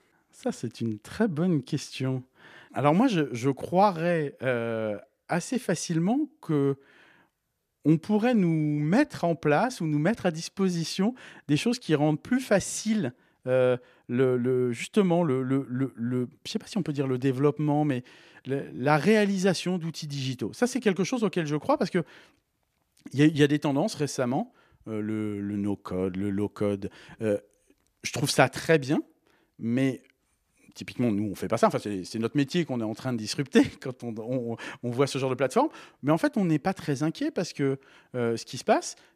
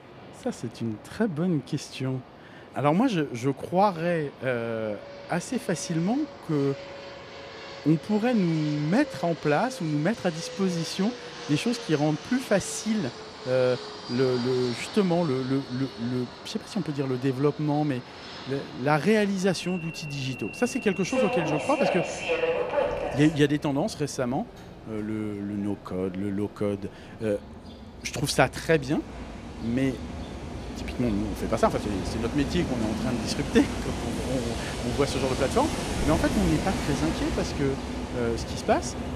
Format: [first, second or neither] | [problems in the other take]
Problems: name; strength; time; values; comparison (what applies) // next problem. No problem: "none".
first | train or aircraft noise; loud; throughout; 7 dB below the speech